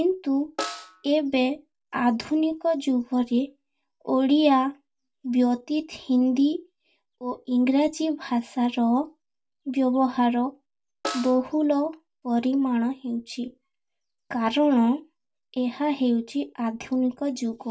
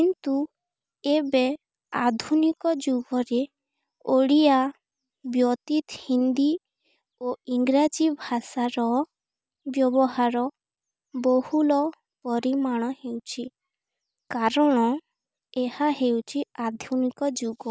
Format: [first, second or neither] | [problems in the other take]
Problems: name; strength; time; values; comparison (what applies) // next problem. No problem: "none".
second | background sound (Snare drum); 13 dB below the speech // room echo; dies away in 0.1 s